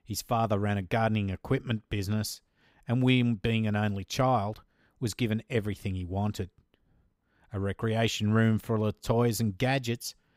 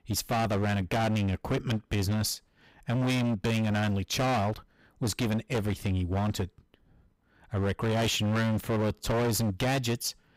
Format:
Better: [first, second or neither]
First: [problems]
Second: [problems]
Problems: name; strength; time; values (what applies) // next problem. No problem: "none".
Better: first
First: none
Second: distortion; heavy; 26% of the sound clipped